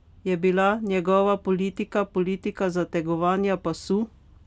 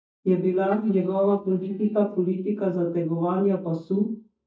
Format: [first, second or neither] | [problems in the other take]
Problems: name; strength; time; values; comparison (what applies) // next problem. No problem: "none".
first | noise reduction (neural mask model DeepFilterNet 3)